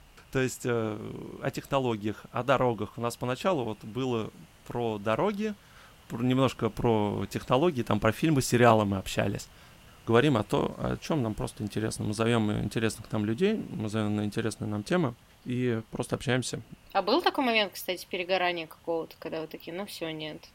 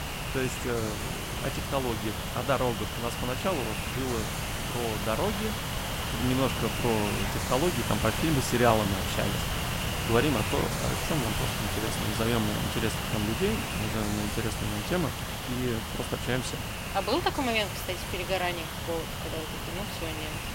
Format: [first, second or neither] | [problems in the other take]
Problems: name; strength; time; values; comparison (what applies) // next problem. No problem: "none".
first | hiss; loud; throughout; 1 dB below the speech; faint in the first